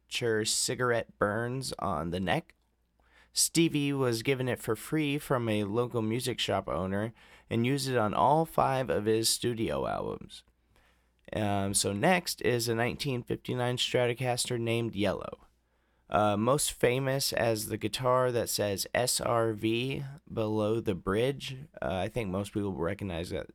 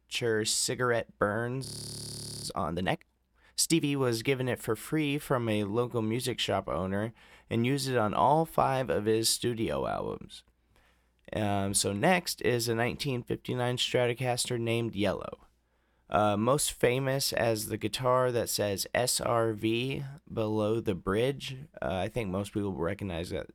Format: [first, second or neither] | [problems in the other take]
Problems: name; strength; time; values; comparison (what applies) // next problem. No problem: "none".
first | audio freezing; at 1.5 s for 1 s